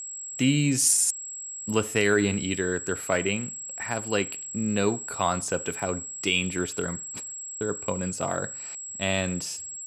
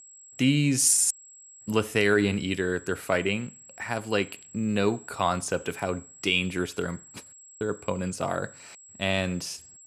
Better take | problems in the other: second | high-pitched whine; loud; throughout; 7.5 kHz, 8 dB below the speech; faint in the second

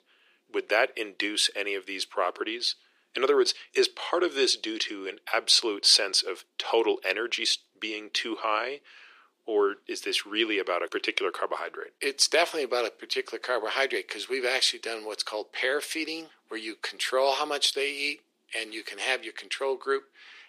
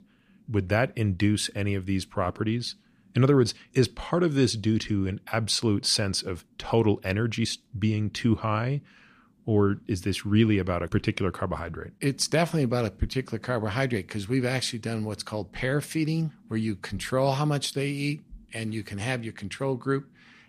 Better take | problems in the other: second | thin; very; fading below 350 Hz

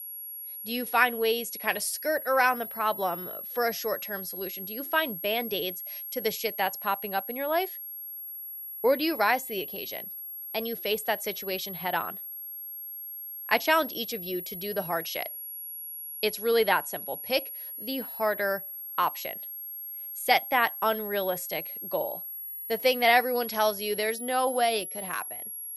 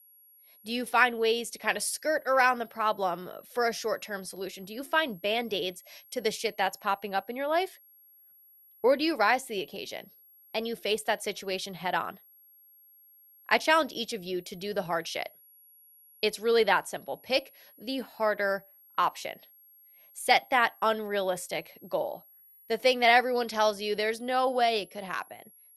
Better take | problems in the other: second | high-pitched whine; loud; throughout; 11.5 kHz, 8 dB below the speech; faint in the second

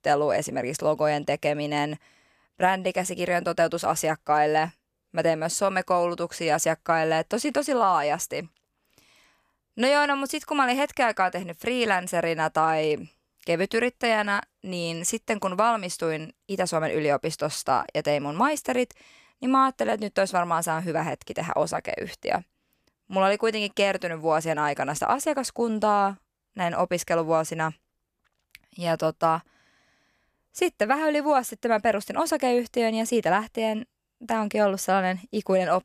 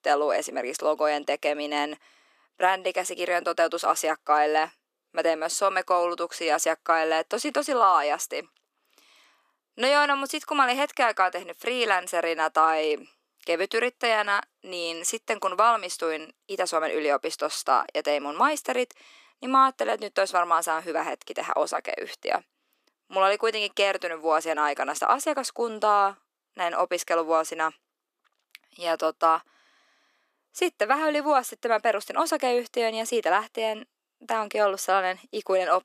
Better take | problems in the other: first | thin; somewhat; fading below 300 Hz

